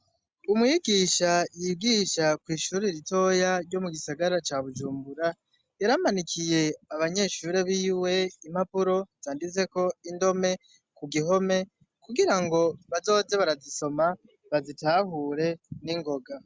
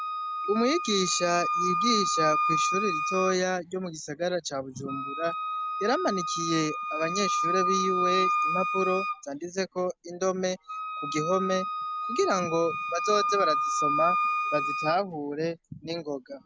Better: first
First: none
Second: background sound (Wind instrument, woodwind instrument); as loud as the speech

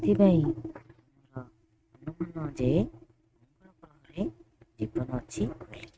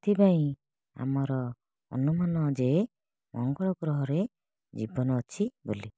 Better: second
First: noise reduction (neural mask model RNNoise)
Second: none

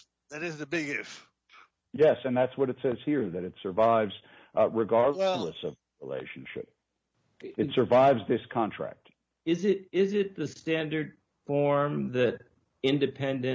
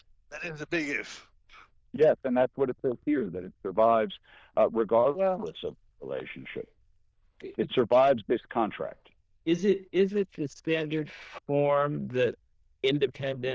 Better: first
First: none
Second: noise reduction (neural diffusion model UNIVERSE++)

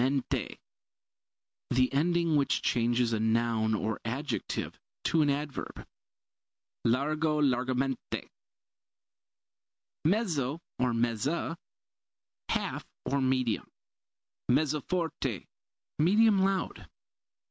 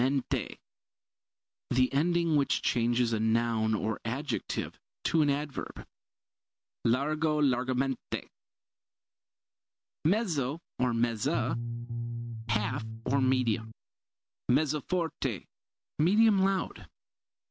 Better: first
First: none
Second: background sound (Bass guitar); 3 dB below the speech

